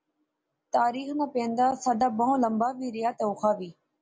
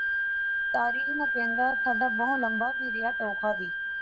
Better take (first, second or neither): first